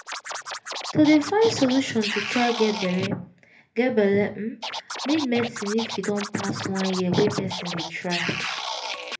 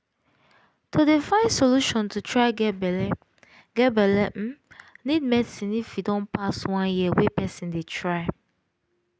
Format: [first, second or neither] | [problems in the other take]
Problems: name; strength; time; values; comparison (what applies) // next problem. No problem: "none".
second | background sound (Scratching (performance technique)); 8 dB below the speech // room echo; dies away in 0.3 s